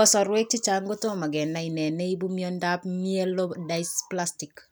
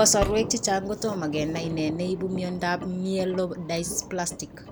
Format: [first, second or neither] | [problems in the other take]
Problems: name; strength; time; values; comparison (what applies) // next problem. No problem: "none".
first | background sound (Thunder + Engine); 10 dB below the speech